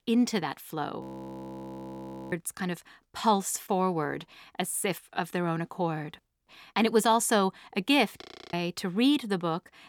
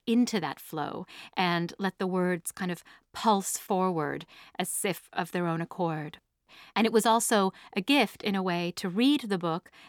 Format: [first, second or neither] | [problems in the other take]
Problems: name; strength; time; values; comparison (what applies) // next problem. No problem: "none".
second | audio freezing; at 1 s for 1.5 s and at 8 s